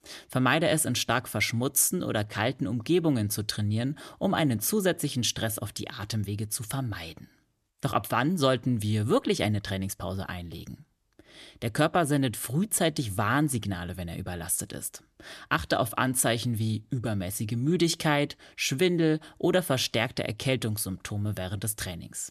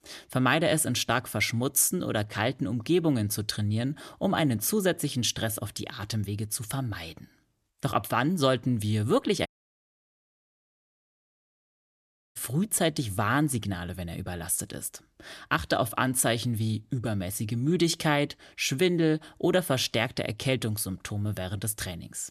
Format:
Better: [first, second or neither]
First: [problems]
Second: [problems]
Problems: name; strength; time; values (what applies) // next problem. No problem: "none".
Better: first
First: none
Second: audio cutting out; at 9.5 s for 3 s